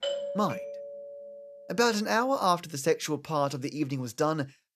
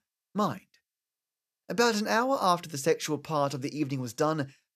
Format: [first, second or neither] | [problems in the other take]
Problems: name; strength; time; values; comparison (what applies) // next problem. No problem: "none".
second | doorbell; noticeable; until 1.5 s; peak 4 dB below the speech